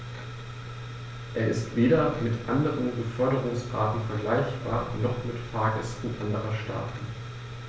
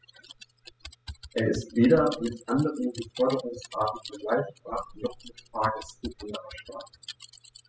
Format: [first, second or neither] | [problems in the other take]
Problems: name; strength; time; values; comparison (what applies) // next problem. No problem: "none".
first | noise reduction (classical method spectral subtraction)